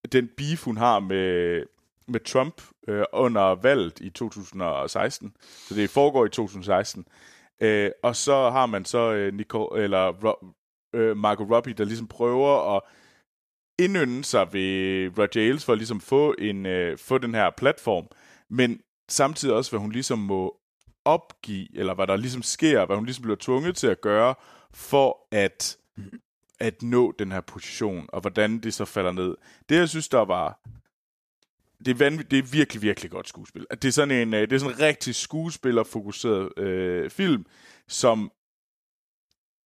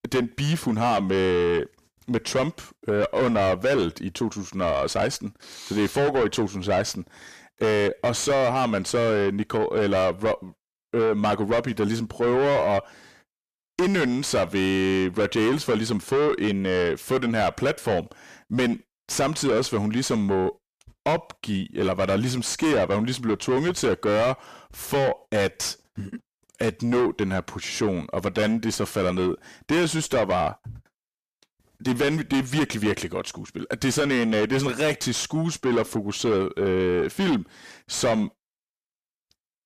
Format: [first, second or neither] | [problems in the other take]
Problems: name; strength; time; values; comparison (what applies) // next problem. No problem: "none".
first | distortion; heavy; 6 dB below the speech